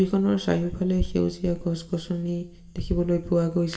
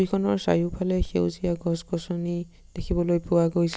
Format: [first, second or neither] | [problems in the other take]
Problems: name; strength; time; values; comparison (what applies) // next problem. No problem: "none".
second | room echo; dies away in 0.6 s